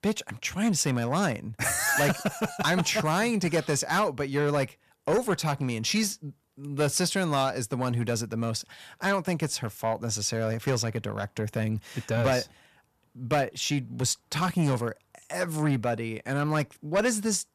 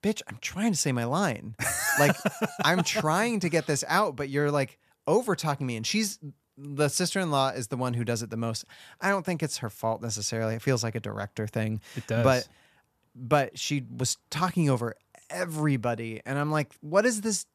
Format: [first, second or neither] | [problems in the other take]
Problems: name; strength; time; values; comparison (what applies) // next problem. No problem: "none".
second | distortion; slight; 10 dB below the speech